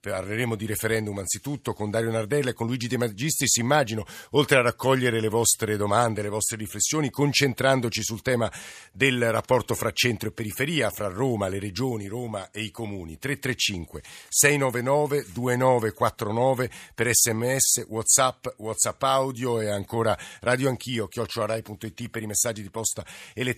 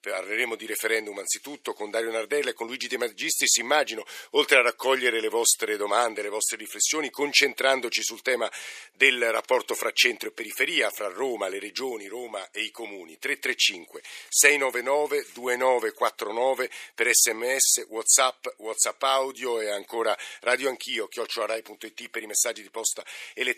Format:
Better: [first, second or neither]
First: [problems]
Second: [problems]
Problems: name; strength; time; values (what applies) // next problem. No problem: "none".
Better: first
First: none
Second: thin; somewhat; fading below 350 Hz